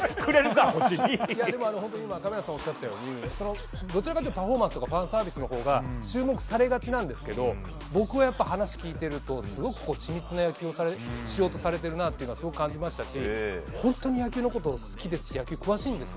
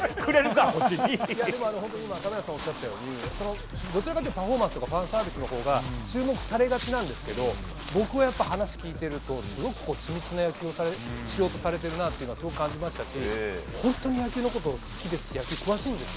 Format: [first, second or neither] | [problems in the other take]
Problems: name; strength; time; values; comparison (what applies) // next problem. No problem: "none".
first | background sound (Walk, footsteps); 14 dB below the speech